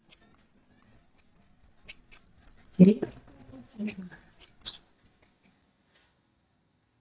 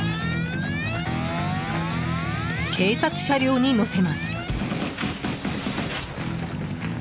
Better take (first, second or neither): second